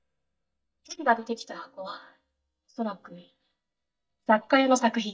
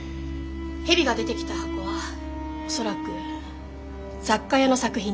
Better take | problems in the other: second | noise reduction (neural mask model DeepFilterNet 3)

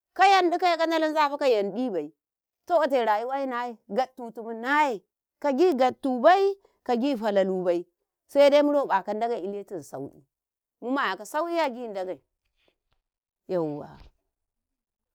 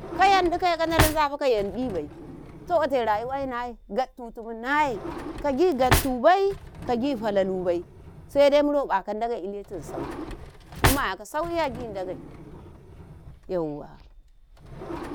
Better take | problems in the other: first | background sound (Drawer open or close); 7 dB below the speech

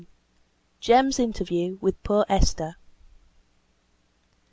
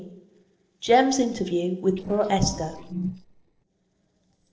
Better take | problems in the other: first | noise reduction (neural separator model SepFormer DNS4)

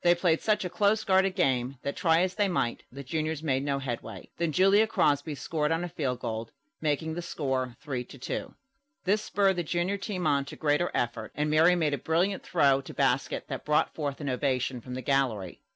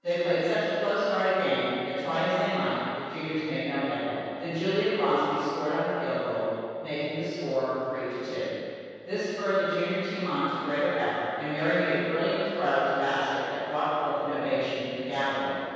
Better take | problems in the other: first | room echo; dies away in 2.2 s

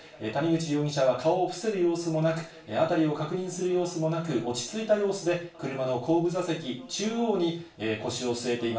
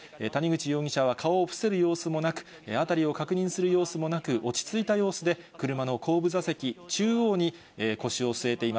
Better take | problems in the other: second | room echo; dies away in 0.3 s

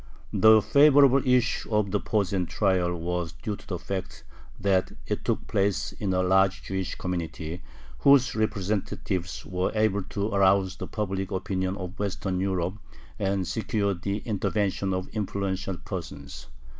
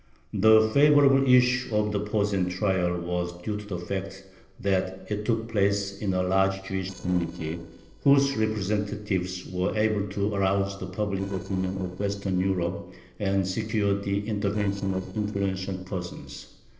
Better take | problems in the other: first | noise reduction (neural separator model SepFormer DNS4)

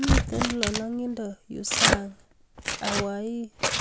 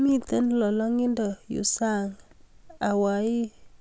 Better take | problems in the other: second | background sound (Tearing); 4 dB above the speech

